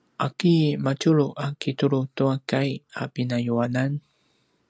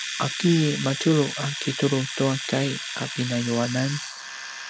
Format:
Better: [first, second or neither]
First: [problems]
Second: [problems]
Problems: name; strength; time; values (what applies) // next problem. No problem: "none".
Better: first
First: none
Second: background sound (Domestic sounds, home sounds); 8 dB below the speech